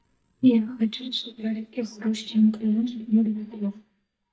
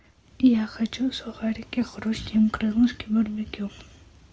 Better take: second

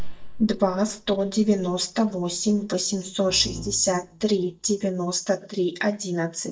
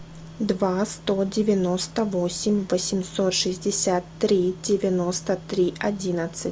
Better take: second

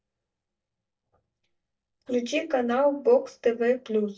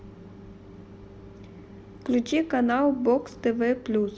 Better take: second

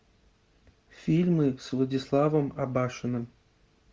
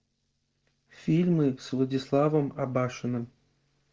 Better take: first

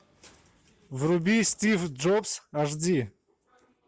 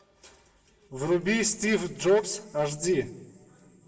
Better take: first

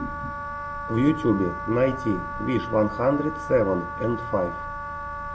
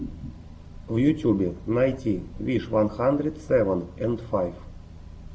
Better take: second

